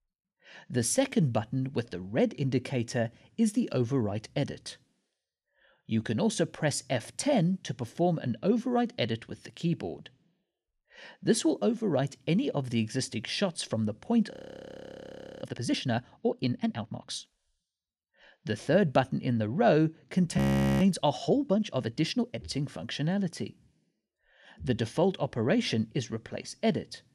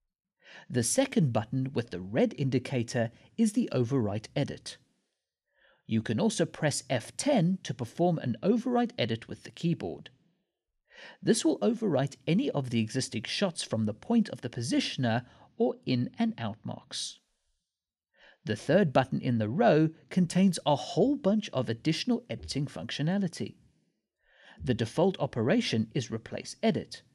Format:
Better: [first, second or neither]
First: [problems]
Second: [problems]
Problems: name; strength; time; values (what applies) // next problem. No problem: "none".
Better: second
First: audio freezing; at 14 s for 1 s and at 20 s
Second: none